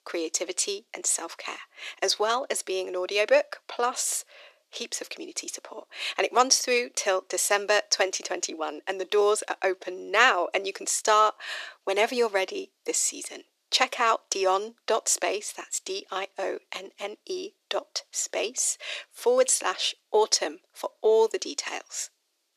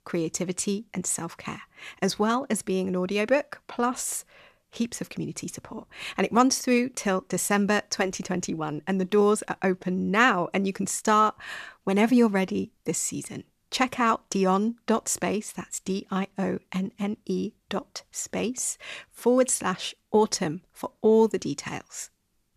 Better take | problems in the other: second | thin; very; fading below 350 Hz

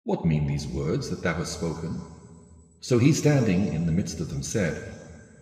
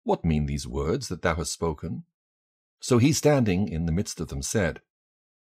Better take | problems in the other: second | room echo; slight; dies away in 2.1 s

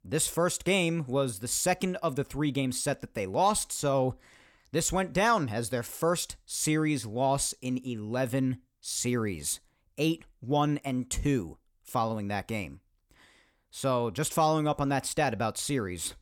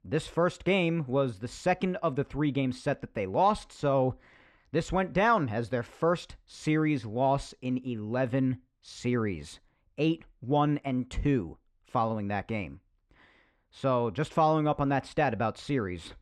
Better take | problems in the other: first | muffled; slightly; fading above 2.5 kHz

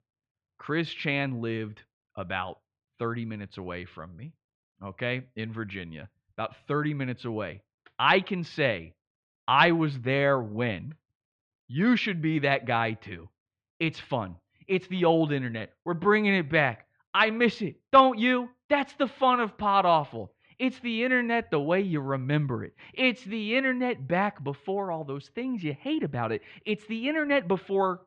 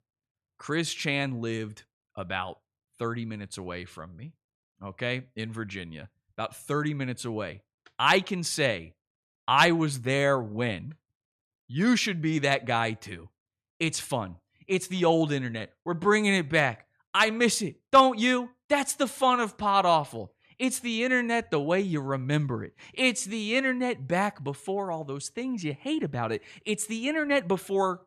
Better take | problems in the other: second | muffled; slightly; fading above 3.5 kHz

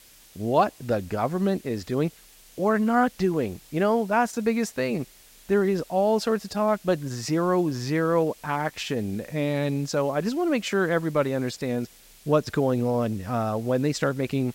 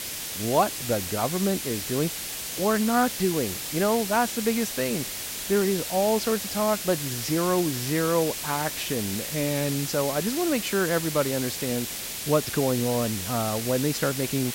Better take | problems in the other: first | hiss; loud; throughout; 4 dB below the speech; faint in the first

